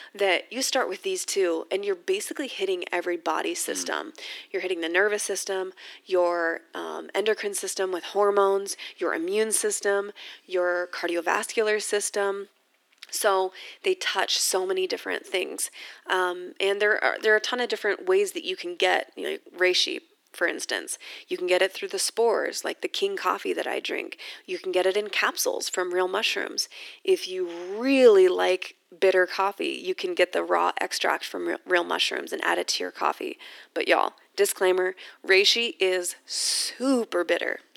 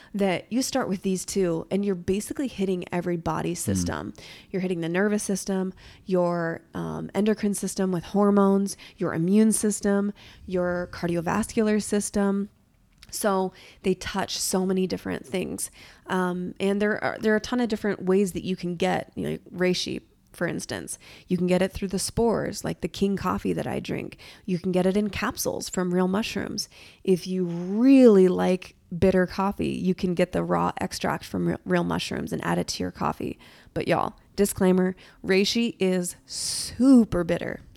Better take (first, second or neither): second